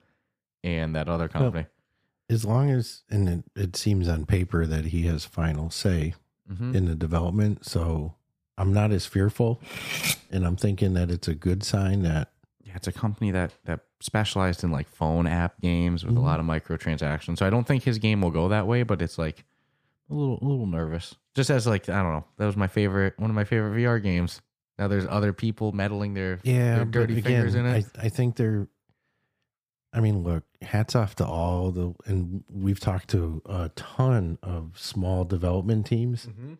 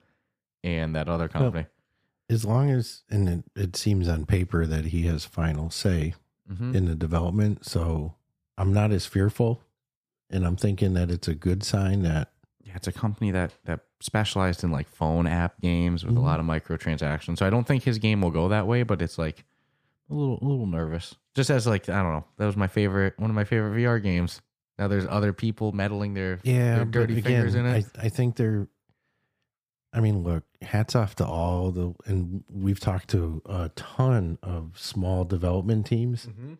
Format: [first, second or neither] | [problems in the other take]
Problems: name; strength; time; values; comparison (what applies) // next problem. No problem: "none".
second | clattering dishes; loud; at 9.5 s; peak 1 dB above the speech